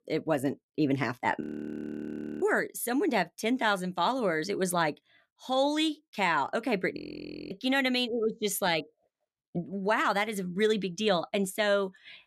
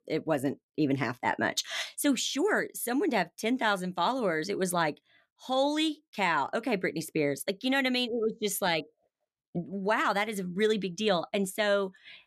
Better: second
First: audio freezing; at 1.5 s for 1 s and at 7 s for 0.5 s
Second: none

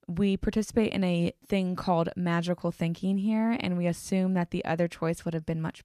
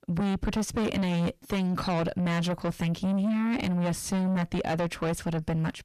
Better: first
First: none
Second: distortion; heavy; 5 dB below the speech

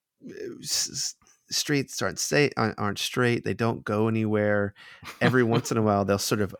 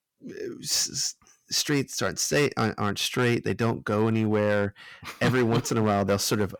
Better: first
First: none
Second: distortion; slight; 5% of the sound clipped

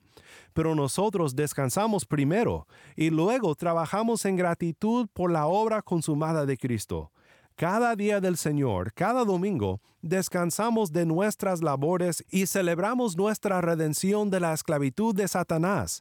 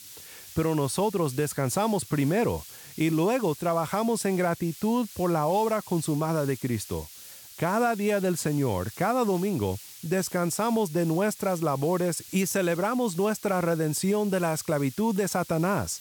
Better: first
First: none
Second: hiss; noticeable; throughout; 15 dB below the speech

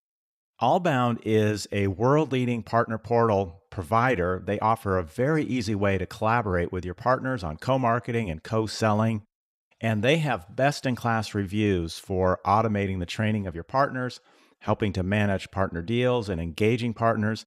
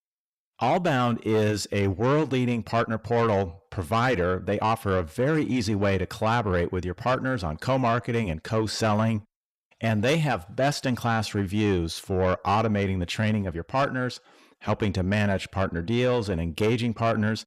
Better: first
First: none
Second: distortion; slight; 10 dB below the speech

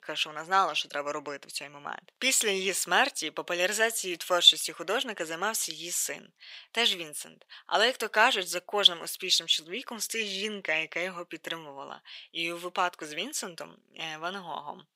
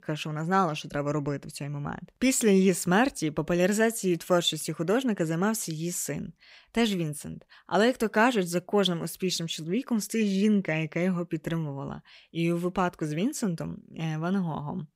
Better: second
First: thin; very; fading below 650 Hz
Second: none

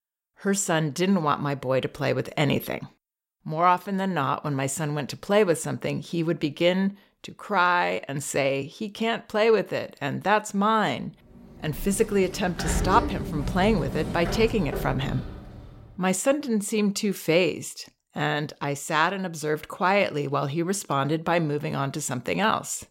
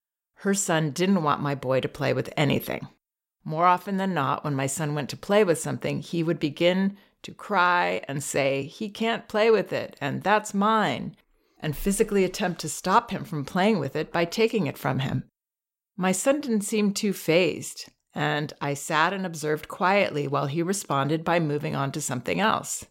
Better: second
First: door banging; noticeable; from 12 to 16 s; peak 2 dB below the speech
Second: none

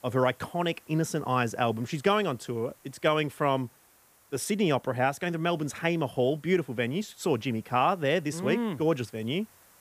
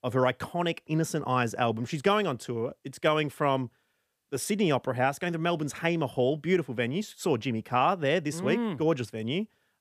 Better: second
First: hiss; faint; throughout; 30 dB below the speech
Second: none

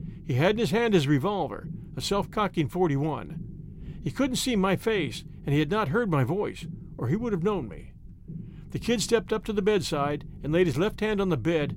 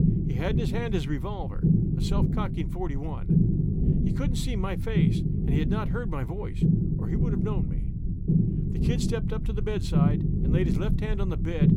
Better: first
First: low rumble; faint; throughout; 25 dB below the speech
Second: low rumble; loud; throughout; as loud as the speech

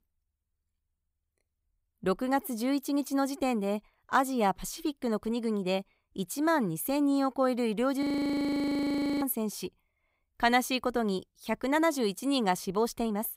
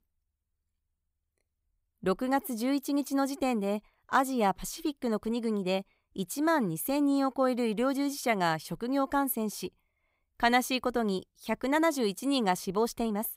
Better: second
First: audio freezing; at 8 s for 1 s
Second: none

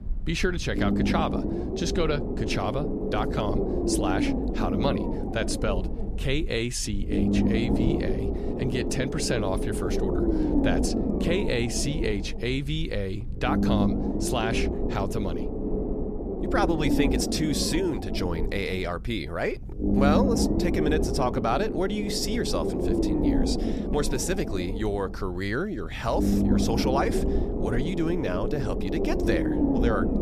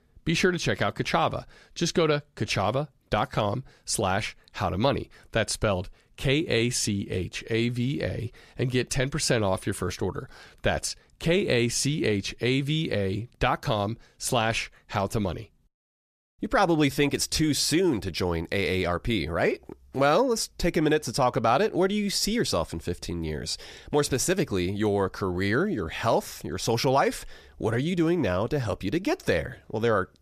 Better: second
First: low rumble; loud; throughout; 2 dB below the speech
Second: none

